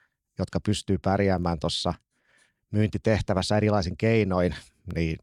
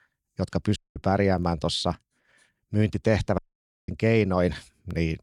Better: first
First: none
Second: audio cutting out; at 1 s and at 3.5 s for 0.5 s

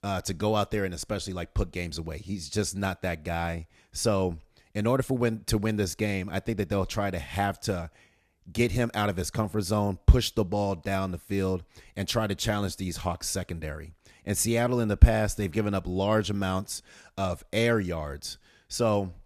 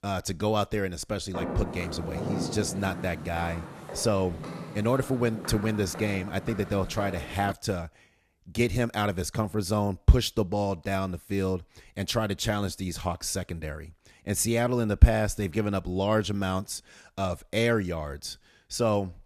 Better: first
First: none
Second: footsteps; noticeable; from 1.5 to 7.5 s; peak 3 dB below the speech

